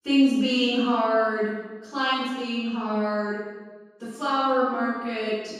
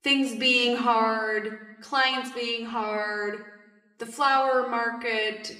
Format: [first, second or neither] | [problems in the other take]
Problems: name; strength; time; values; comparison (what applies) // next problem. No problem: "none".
second | room echo; strong; dies away in 1.2 s; slight in the second // off-mic speech; far